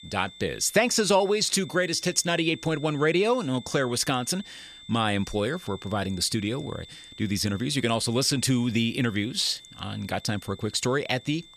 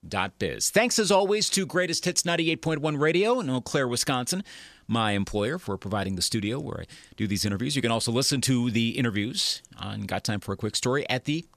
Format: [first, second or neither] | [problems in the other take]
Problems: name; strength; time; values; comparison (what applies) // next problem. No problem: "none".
second | high-pitched whine; noticeable; throughout; 3.5 kHz, 20 dB below the speech